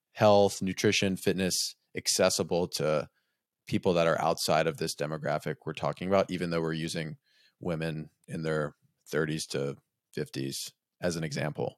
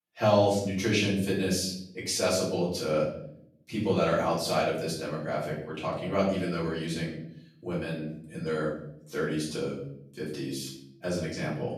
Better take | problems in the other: first | room echo; noticeable; dies away in 0.7 s // off-mic speech; far

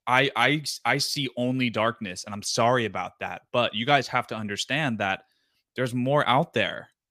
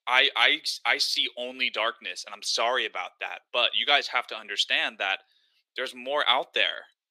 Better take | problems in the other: first | thin; very; fading below 350 Hz

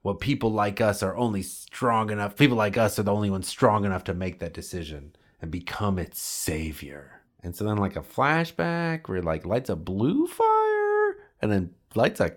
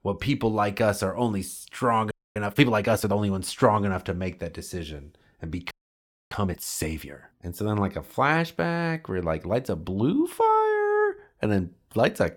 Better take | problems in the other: first | audio freezing; at 2 s and at 5.5 s for 0.5 s

